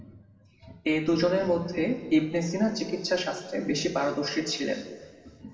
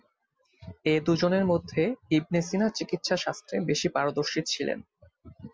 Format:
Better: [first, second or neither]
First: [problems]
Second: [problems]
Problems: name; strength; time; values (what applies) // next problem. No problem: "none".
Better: second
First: room echo; dies away in 1.8 s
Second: none